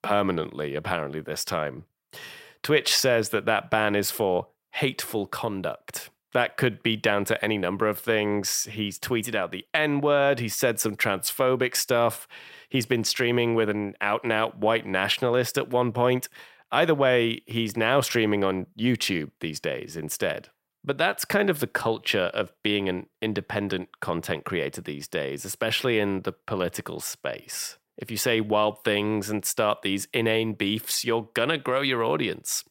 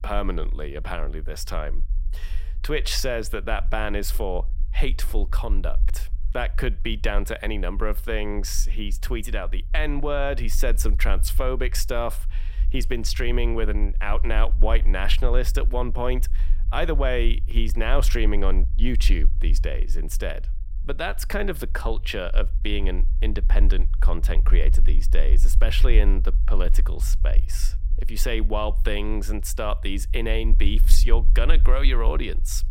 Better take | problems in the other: first | low rumble; faint; throughout; 20 dB below the speech

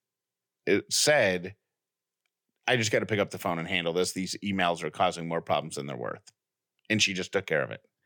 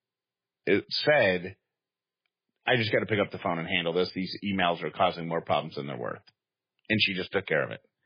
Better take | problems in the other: first | garbled, watery; badly

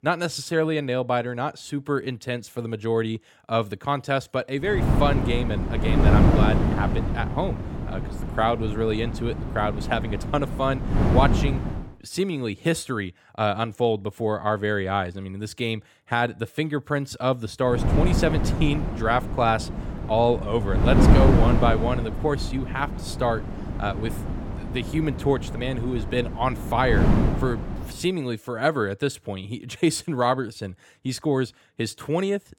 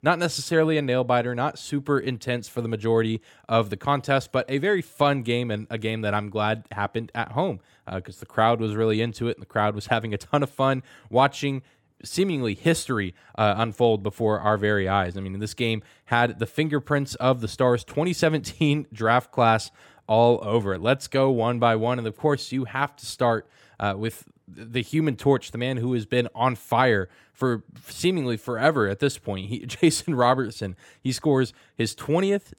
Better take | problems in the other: second | wind noise on the microphone; heavy; from 5 to 12 s and from 18 to 28 s; 5 dB below the speech

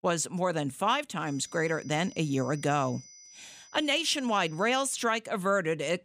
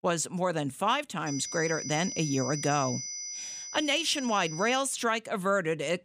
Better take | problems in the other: first | high-pitched whine; loud; from 1.5 to 5 s; 6 kHz, 8 dB below the speech; faint in the first

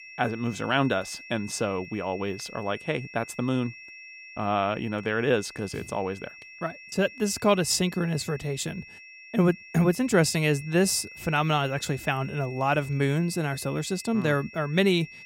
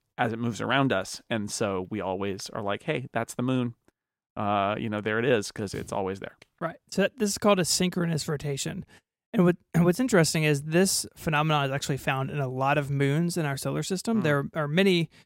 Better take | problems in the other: second | high-pitched whine; noticeable; throughout; 2.5 kHz, 15 dB below the speech

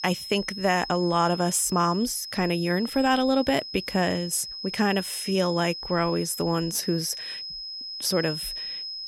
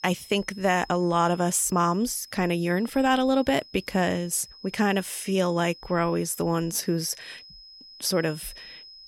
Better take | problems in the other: second | high-pitched whine; loud; throughout; 5 kHz, 8 dB below the speech; faint in the second

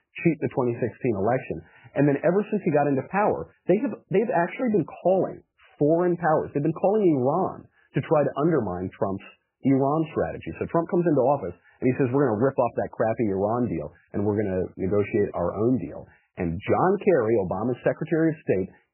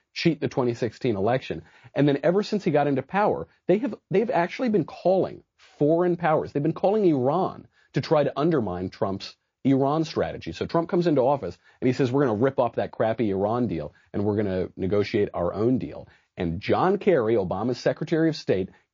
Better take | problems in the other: second | garbled, watery; badly; nothing above 3 kHz; slightly in the second

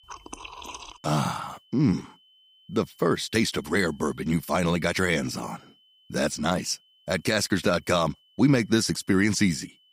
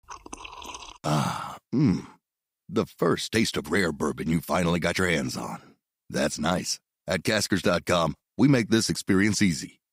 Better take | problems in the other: second | high-pitched whine; faint; throughout; 3 kHz, 30 dB below the speech

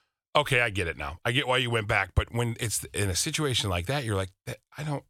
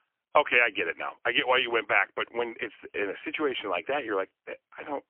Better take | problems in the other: first | phone-call audio; poor line; nothing above 3 kHz

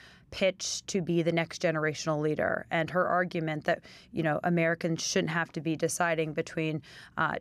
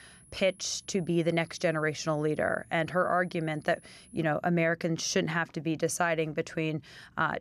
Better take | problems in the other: first | high-pitched whine; faint; until 4 s; 10.5 kHz, 30 dB below the speech

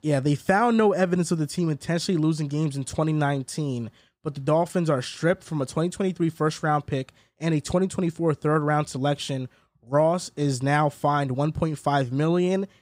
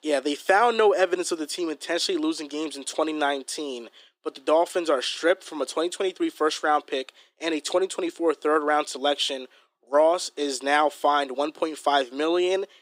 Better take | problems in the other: first | thin; very; fading below 300 Hz

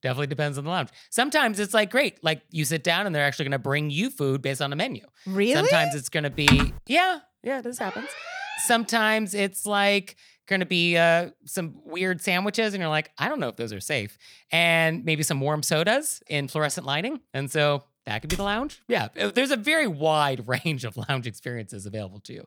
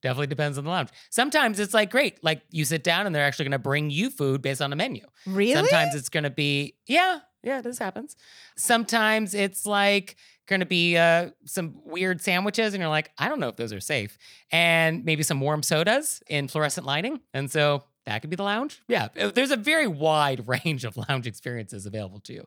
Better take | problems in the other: second | keyboard typing; loud; at 6.5 s; peak 4 dB above the speech // alarm; noticeable; from 8 to 9 s; peak 9 dB below the speech // keyboard typing; noticeable; at 18 s; peak 10 dB below the speech

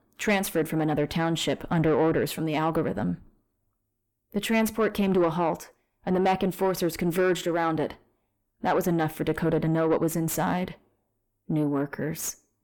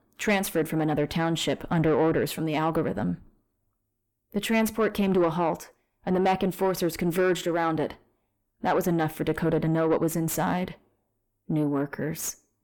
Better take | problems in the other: neither | distortion; slight; 10 dB below the speech; the same in both

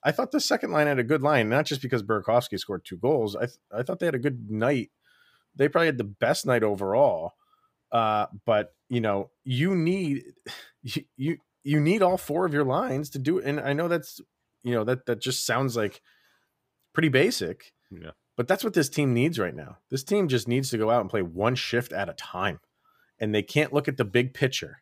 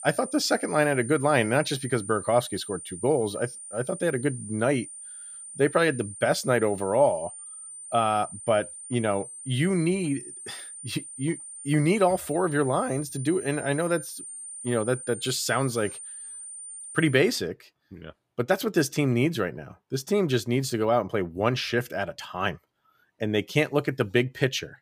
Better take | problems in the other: first | high-pitched whine; noticeable; until 17 s; 9 kHz, 10 dB below the speech

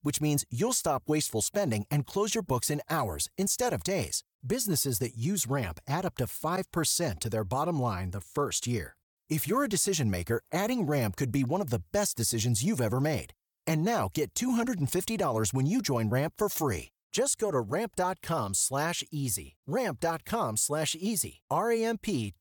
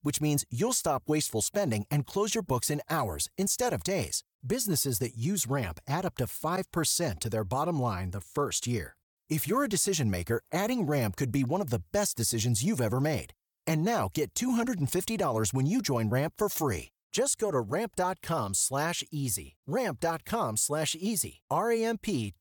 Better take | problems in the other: neither | none

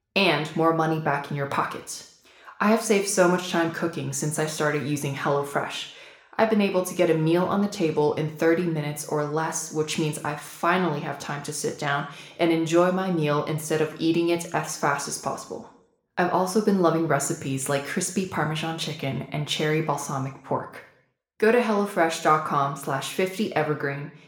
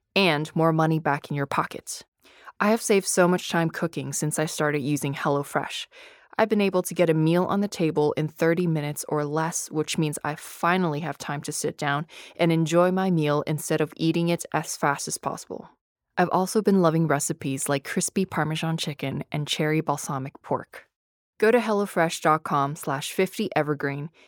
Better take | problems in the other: second | room echo; very slight; dies away in 0.6 s

